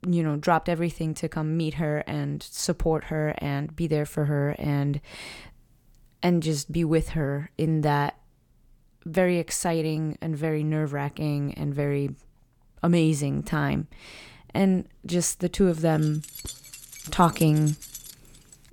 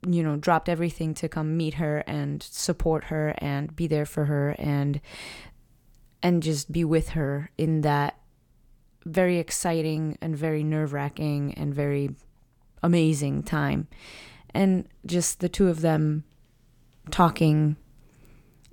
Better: second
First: jangling keys; noticeable; from 16 s on; peak 10 dB below the speech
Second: none

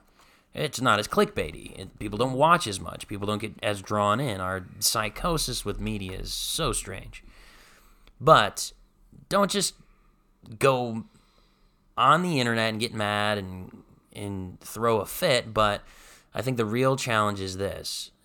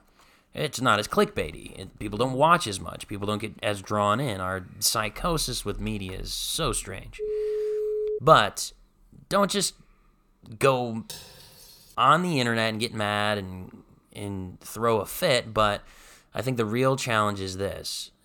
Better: first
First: none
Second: phone ringing; noticeable; at 7 s; peak 3 dB below the speech // clattering dishes; faint; at 11 s; peak 15 dB below the speech

